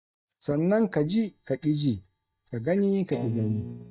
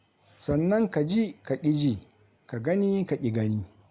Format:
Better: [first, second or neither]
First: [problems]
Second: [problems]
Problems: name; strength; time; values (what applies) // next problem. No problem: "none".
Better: second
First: noise reduction (neural mask model DeepFilterNet 3)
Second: none